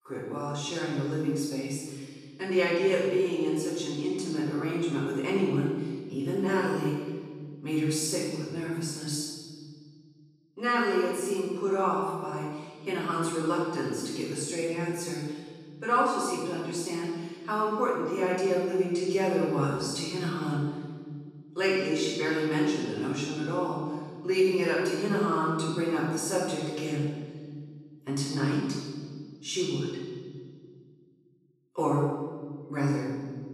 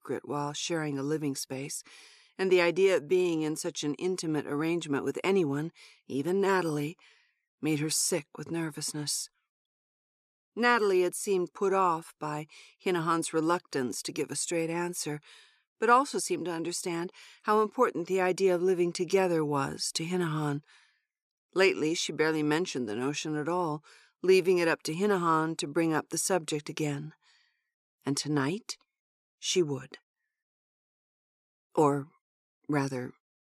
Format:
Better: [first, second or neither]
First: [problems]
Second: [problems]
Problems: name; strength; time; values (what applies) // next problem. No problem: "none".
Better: second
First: off-mic speech; far // room echo; strong; dies away in 1.7 s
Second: none